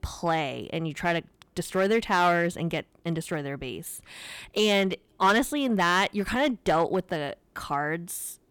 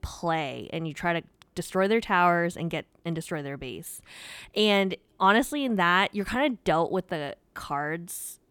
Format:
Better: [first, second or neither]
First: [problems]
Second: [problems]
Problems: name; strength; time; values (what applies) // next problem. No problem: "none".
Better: second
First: distortion; slight; 3% of the sound clipped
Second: none